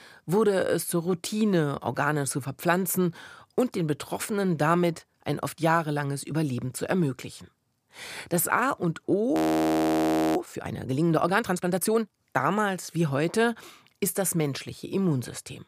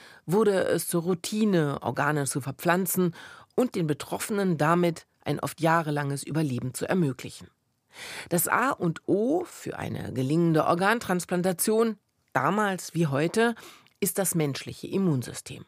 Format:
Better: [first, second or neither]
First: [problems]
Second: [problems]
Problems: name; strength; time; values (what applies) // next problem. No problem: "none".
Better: second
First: audio freezing; at 9.5 s for 1 s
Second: none